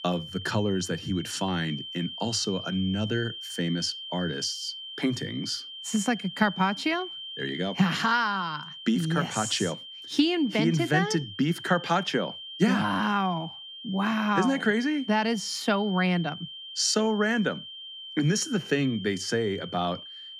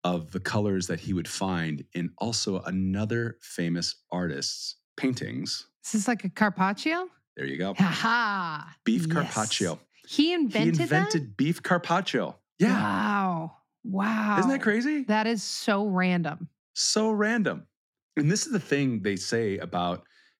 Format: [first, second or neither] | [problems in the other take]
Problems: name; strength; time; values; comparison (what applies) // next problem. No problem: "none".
second | high-pitched whine; noticeable; throughout; 3 kHz, 10 dB below the speech